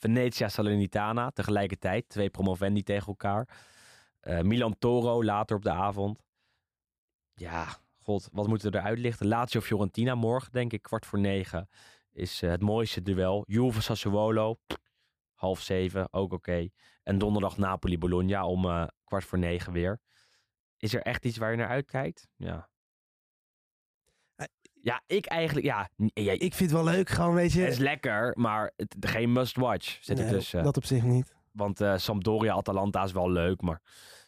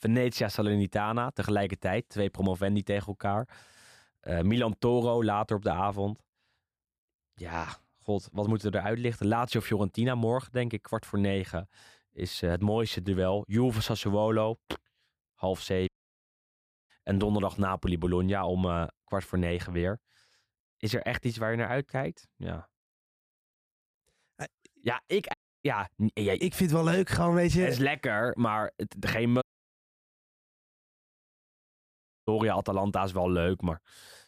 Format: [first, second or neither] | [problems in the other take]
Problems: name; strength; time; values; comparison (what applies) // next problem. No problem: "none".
first | audio cutting out; at 16 s for 1 s, at 25 s and at 29 s for 3 s